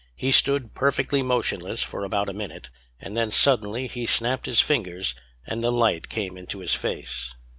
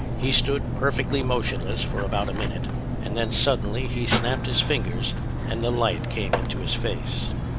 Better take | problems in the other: first | background sound (Mechanisms); 2 dB above the speech

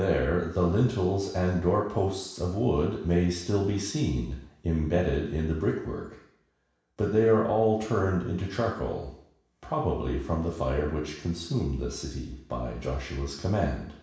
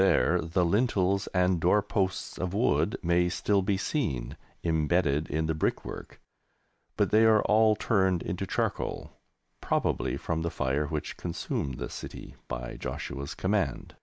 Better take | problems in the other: second | room echo; dies away in 0.7 s

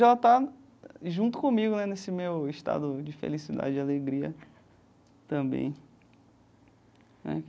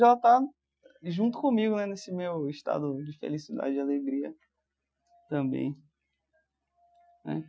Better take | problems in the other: first | noise reduction (classical method Wiener filter)

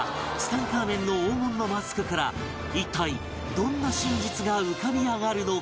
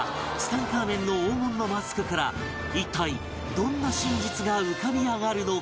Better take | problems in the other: first | background sound (Telephone); 15 dB below the speech

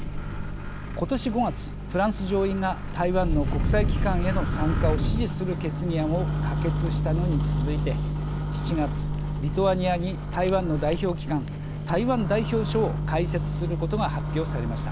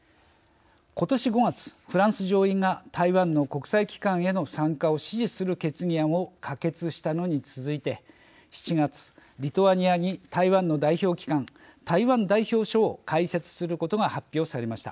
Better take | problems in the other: second | background sound (Microwave oven); 1 dB above the speech

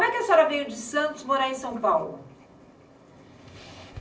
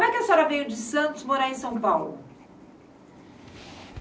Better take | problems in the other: second | room echo; dies away in 0.6 s

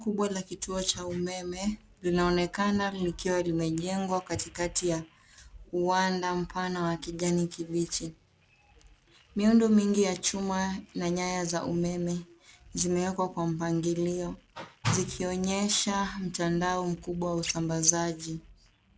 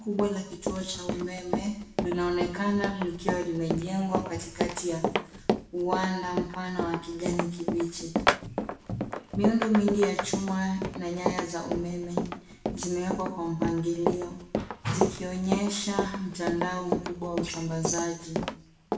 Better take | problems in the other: first | background sound (Run); 2 dB below the speech // room echo; dies away in 0.7 s

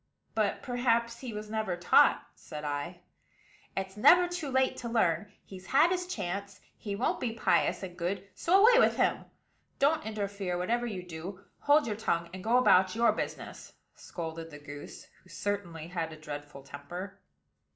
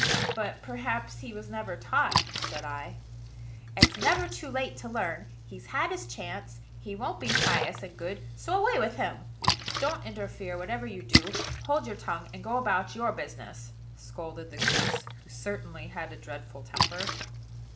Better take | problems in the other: first | background sound (Splash, splatter); 1 dB above the speech

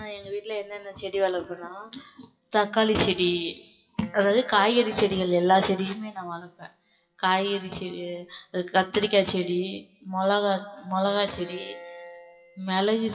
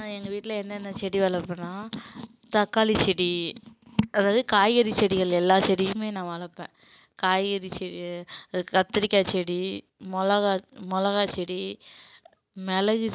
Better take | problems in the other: second | noise reduction (classical method WPE with log-MMSE)

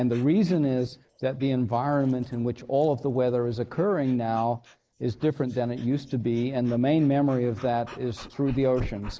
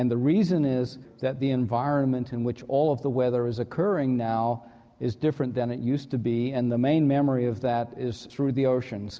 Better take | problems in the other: second | noise reduction (neural mask model Resemble Enhance denoiser)

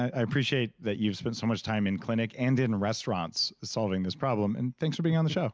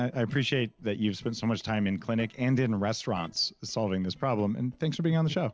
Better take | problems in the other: first | noise reduction (neural separator model SepFormer DNS4)

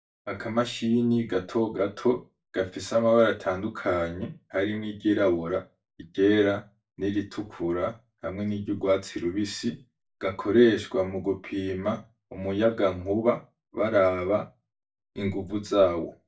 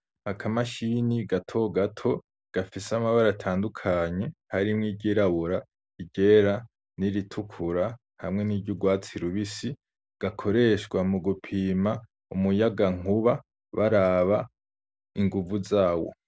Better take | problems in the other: second | noise reduction (neural mask model DeepFilterNet 3)

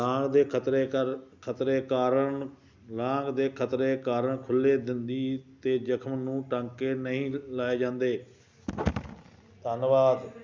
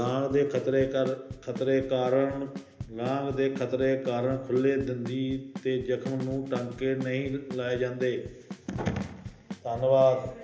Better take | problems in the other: first | background sound (Bass drum / Snare drum / Drum kit); 14 dB below the speech // room echo; dies away in 0.8 s

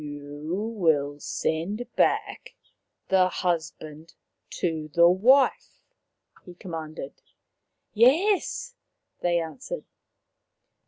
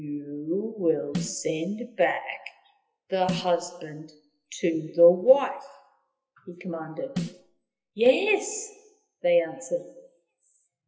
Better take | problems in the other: first | noise reduction (classical method WPE with log-MMSE)

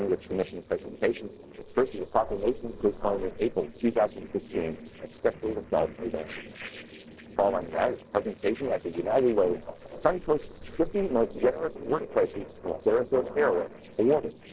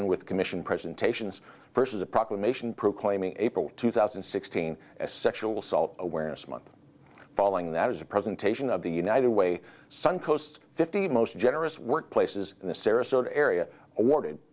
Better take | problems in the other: second | noise reduction (neural separator model SepFormer DNS4)

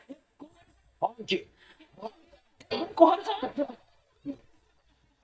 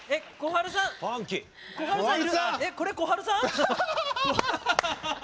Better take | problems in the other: second | noise reduction (neural mask model DeepFilterNet 3)

